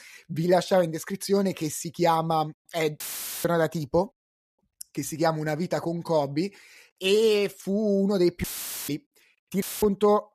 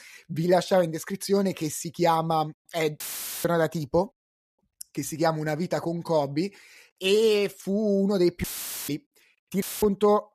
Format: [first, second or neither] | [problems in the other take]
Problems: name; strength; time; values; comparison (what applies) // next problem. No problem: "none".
neither | audio cutting out; filled with static; at 3 s, at 8.5 s and at 9.5 s; the same in both